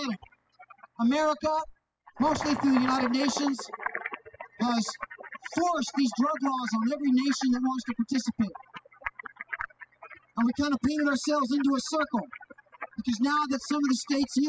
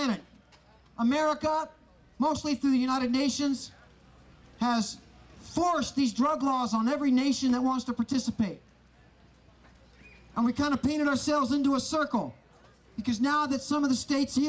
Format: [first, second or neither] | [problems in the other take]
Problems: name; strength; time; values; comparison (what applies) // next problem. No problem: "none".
second | noise reduction (classical method spectral subtraction)